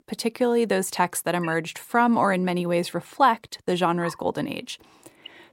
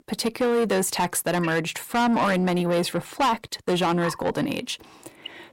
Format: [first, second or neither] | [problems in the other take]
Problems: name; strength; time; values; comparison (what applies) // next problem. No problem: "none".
first | distortion; heavy; 7 dB below the speech